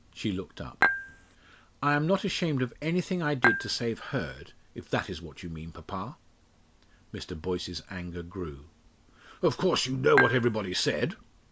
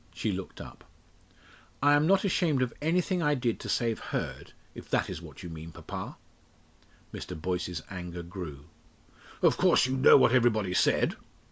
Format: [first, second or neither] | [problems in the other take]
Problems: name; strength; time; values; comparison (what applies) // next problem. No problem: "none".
second | background sound (Dishes, pots, and pans / Chink, clink); 3 dB above the speech